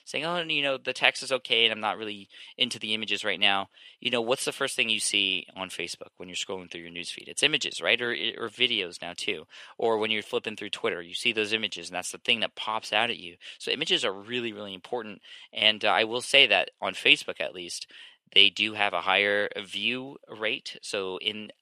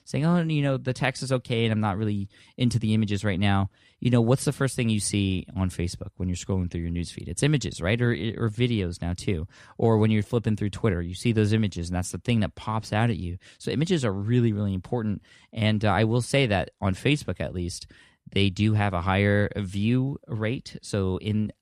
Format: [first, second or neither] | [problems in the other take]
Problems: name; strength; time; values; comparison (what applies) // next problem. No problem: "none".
second | thin; very; fading below 550 Hz